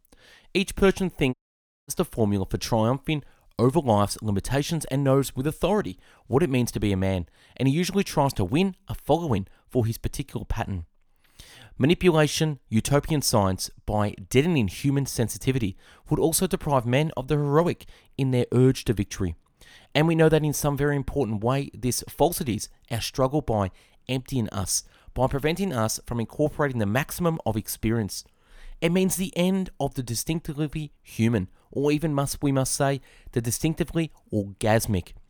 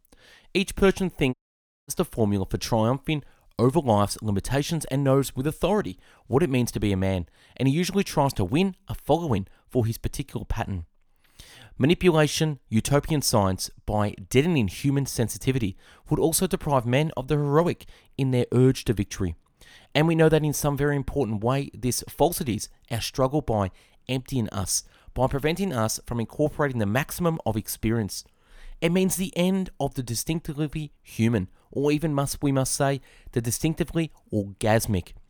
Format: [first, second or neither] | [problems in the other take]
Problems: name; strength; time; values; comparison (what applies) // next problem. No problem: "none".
neither | audio cutting out; at 1.5 s for 0.5 s; the same in both